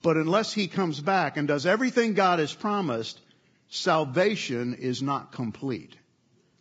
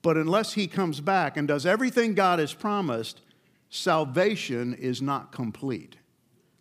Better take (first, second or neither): second